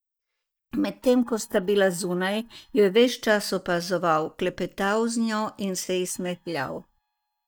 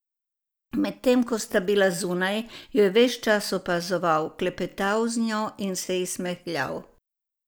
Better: second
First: noise reduction (neural mask model DeepFilterNet 3)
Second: none

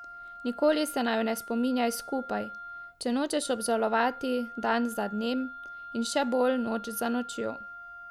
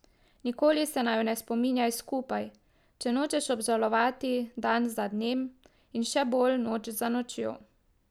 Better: second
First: background sound (Wind instrument, woodwind instrument); 14 dB below the speech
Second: none

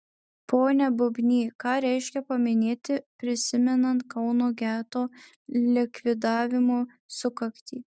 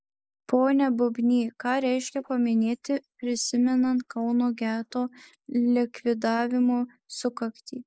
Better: first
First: none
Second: noise reduction (neural mask model Resemble Enhance denoiser)

